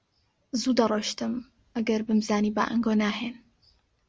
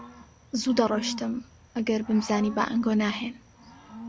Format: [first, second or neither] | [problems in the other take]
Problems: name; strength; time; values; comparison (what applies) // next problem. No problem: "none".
first | background sound (Cricket / Growling); 14 dB below the speech